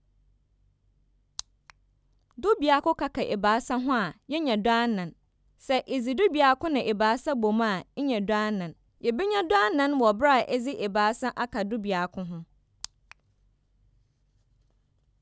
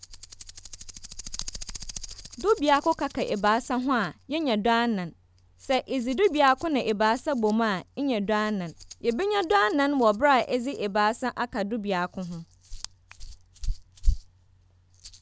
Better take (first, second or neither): first